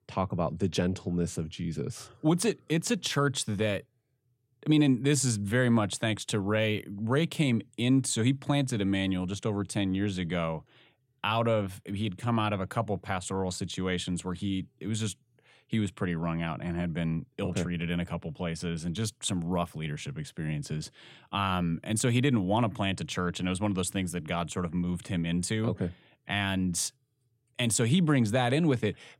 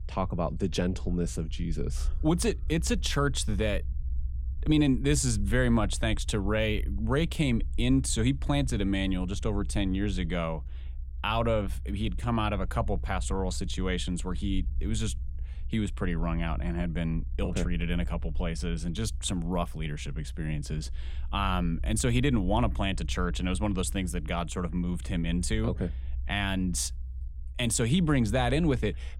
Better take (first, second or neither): first